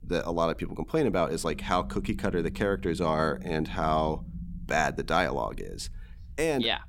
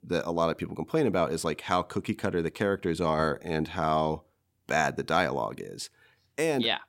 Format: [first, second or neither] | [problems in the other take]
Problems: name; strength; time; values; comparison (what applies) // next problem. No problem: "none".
second | low rumble; faint; throughout; 20 dB below the speech